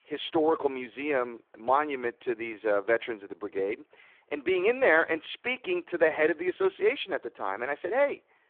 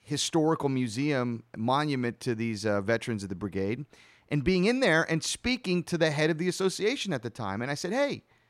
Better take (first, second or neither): second